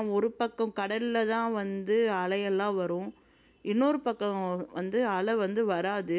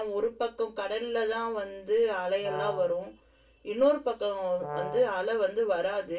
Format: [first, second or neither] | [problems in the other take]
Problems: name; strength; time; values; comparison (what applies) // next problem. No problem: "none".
first | background sound (Brass instrument); 10 dB below the speech // room echo; dies away in 0.2 s